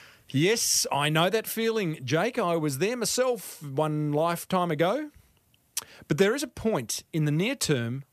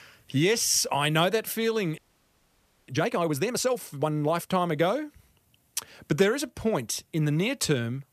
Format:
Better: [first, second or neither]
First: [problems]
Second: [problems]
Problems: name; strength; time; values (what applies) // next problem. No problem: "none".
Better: first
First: none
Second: audio freezing; at 2 s for 1 s